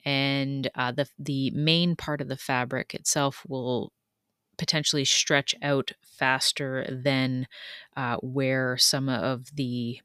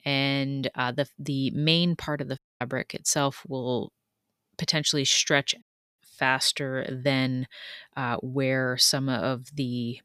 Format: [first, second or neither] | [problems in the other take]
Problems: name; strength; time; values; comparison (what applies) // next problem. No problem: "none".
first | audio cutting out; at 2.5 s and at 5.5 s